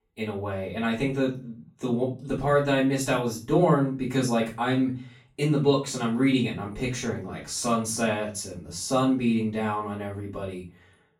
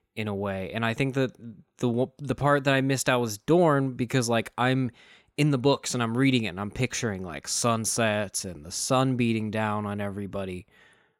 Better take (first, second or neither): second